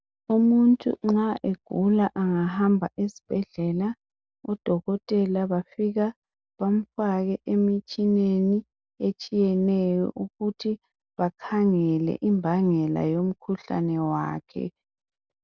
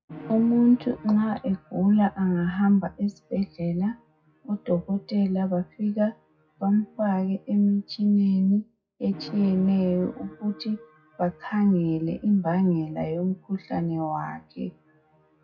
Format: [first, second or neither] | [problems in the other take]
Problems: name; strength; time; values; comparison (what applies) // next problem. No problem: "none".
first | noise reduction (classical method WPE with log-MMSE)